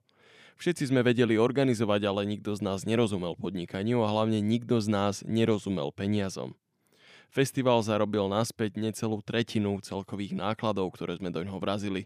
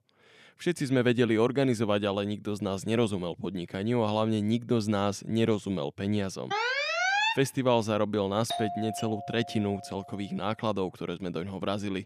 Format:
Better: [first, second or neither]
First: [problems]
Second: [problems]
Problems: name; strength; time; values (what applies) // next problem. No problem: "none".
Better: first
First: none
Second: alarm; loud; at 6.5 s; peak 4 dB above the speech // doorbell; noticeable; from 8.5 to 10 s; peak 5 dB below the speech